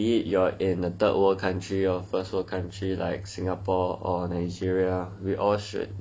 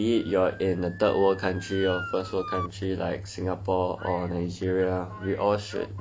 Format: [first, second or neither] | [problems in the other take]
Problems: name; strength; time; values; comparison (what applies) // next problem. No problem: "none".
first | background sound (Motor vehicle (road) / Siren); 15 dB below the speech